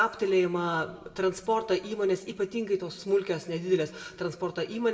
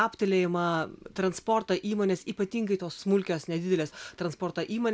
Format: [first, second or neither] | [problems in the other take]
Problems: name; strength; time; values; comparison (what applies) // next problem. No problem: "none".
second | room echo; dies away in 0.7 s